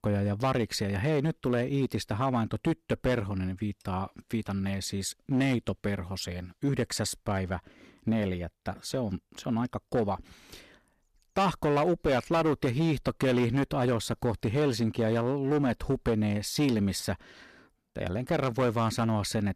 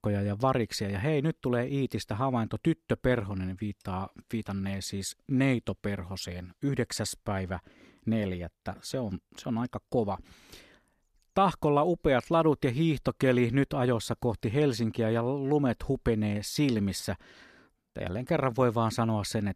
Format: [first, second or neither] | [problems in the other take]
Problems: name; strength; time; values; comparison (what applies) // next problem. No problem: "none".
second | distortion; slight; 7% of the sound clipped